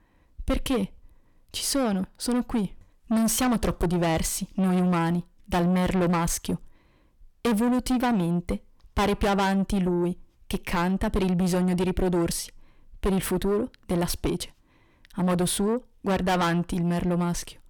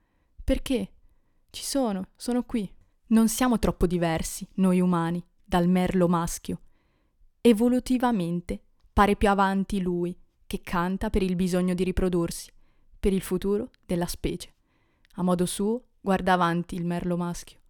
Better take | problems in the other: second | distortion; heavy; 6 dB below the speech

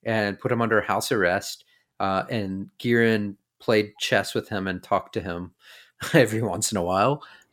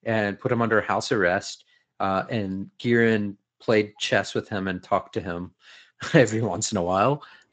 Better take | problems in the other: first | garbled, watery; slightly; nothing above 7.5 kHz

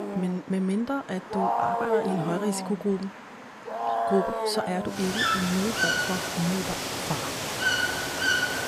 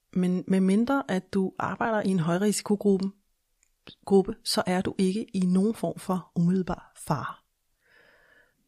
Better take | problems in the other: second | animal sounds; very loud; throughout; 3 dB above the speech

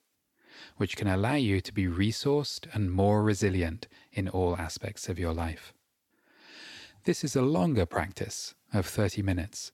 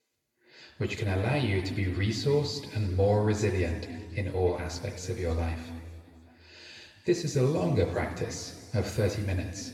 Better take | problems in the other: first | room echo; noticeable; dies away in 1.9 s // off-mic speech; far

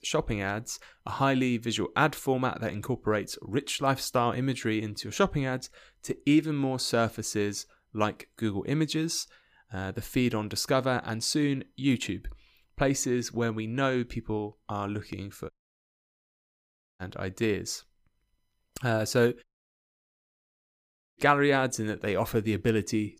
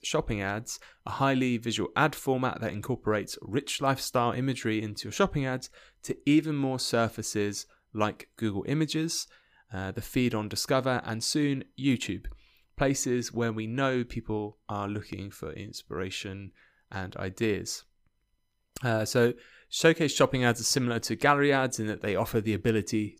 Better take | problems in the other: second | audio cutting out; at 16 s for 1.5 s and at 19 s for 1.5 s

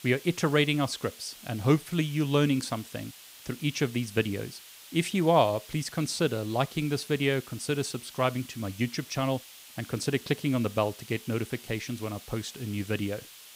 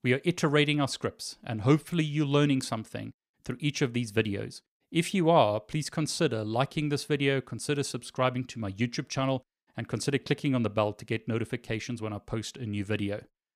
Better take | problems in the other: second | hiss; noticeable; throughout; 15 dB below the speech

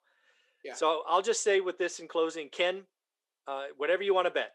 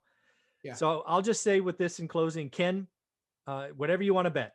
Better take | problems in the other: second | thin; very; fading below 350 Hz

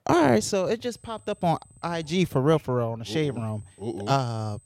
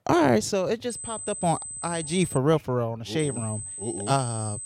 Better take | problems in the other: first | high-pitched whine; loud; from 1 to 2.5 s and from 3 s on; 8 kHz, 8 dB below the speech; faint in the first

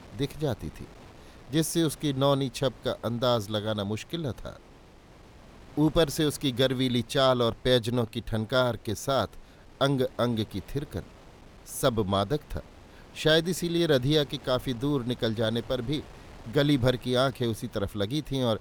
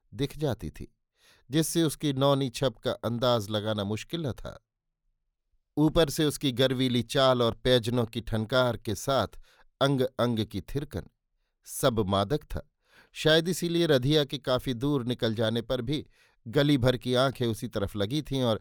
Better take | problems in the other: second | wind noise on the microphone; occasional gusts; 25 dB below the speech

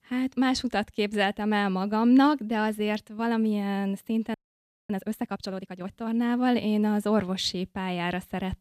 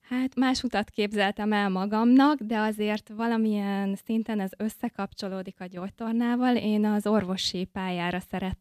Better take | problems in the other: second | audio freezing; at 4.5 s for 0.5 s

